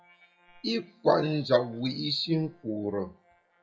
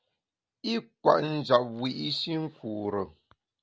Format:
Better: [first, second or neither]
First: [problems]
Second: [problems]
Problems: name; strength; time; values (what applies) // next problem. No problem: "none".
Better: second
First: noise reduction (classical method WPE with log-MMSE)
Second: none